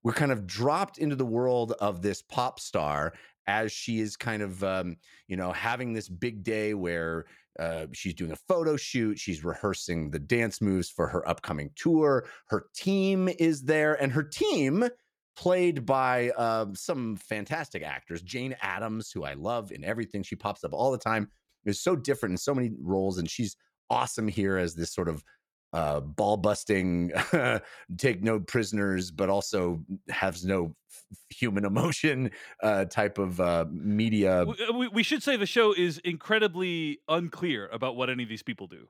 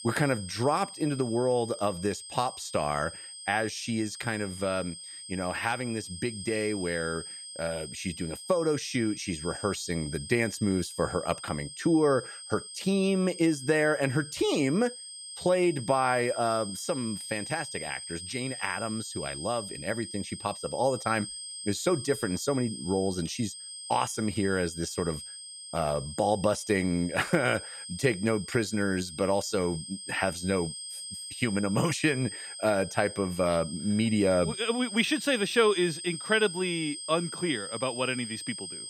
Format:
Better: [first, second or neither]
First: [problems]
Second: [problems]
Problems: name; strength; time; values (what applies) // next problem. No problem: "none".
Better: first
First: none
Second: high-pitched whine; loud; throughout; 8.5 kHz, 10 dB below the speech